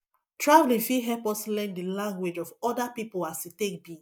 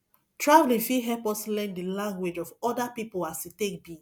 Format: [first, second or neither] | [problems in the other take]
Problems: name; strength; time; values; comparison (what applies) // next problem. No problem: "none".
second | noise reduction (neural mask model Resemble Enhance denoiser)